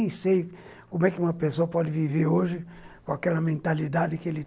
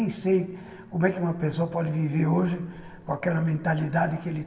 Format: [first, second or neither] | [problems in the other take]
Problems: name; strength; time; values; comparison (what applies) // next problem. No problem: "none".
first | room echo; dies away in 2.6 s